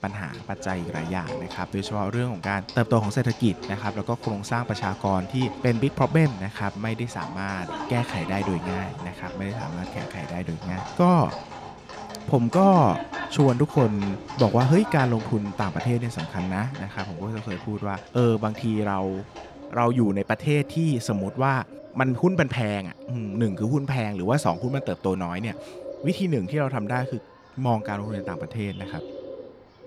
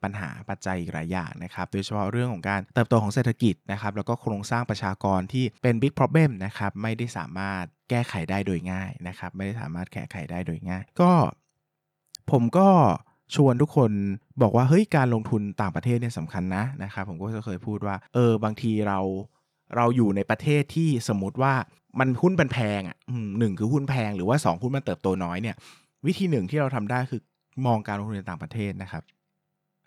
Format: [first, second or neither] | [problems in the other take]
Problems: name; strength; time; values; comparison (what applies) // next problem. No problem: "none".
second | animal sounds; noticeable; throughout; 10 dB below the speech